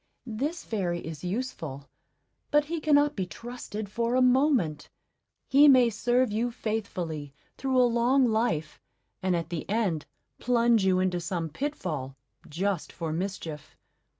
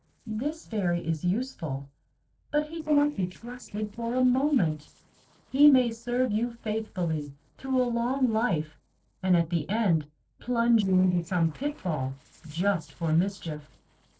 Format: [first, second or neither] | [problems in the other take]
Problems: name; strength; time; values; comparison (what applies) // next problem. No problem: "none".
first | noise reduction (neural separator model SepFormer DNS4)